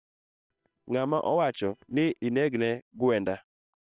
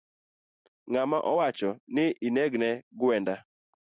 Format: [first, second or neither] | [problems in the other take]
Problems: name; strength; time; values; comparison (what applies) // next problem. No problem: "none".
second | noise reduction (neural separator model SepFormer WHAM!)